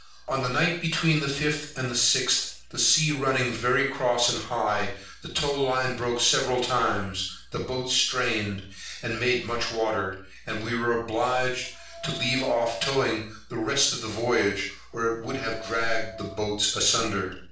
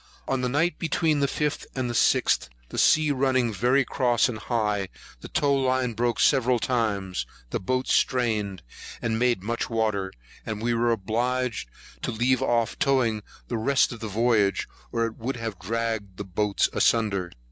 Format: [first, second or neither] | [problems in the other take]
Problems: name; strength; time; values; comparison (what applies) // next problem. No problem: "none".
second | background sound (Wind instrument, woodwind instrument); 17 dB below the speech // room echo; dies away in 0.5 s